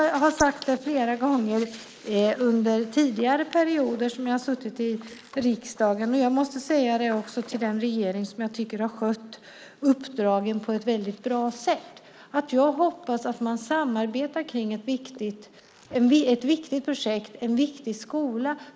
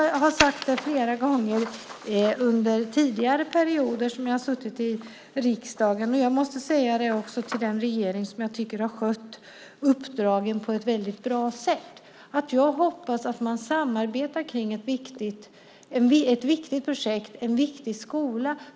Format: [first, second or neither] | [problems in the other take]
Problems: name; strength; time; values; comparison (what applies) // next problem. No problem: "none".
second | noise reduction (neural mask model Resemble Enhance denoiser)